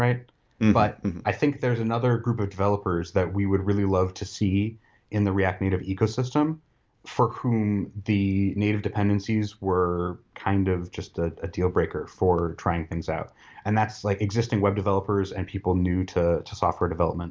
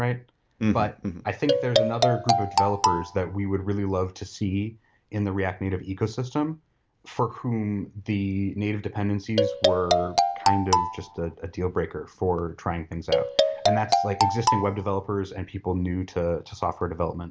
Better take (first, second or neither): first